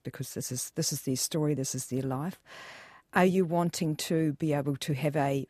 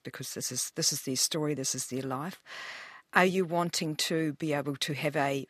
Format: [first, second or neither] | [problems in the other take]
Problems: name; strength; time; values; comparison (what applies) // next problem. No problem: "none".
first | thin; very slightly; fading below 450 Hz